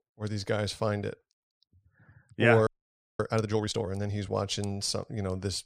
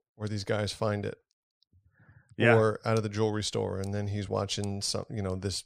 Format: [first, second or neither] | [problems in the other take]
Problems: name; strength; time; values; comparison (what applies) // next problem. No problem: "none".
second | audio freezing; at 2.5 s for 0.5 s